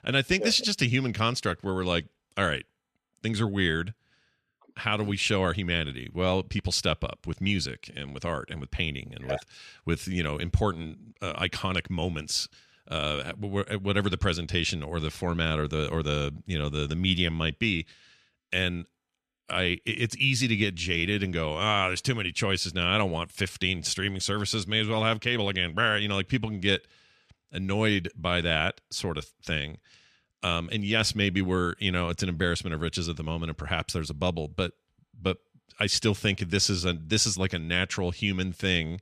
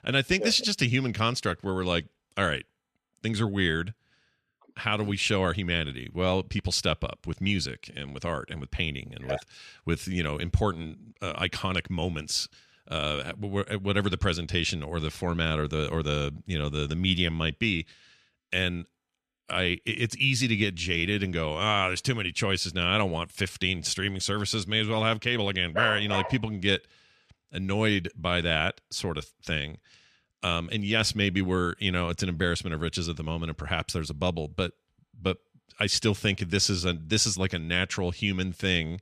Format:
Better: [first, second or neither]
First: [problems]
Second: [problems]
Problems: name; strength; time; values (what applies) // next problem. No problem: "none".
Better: first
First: none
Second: dog barking; noticeable; at 26 s; peak 4 dB below the speech